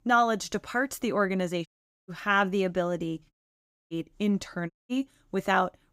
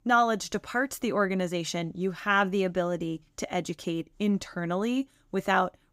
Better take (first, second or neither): second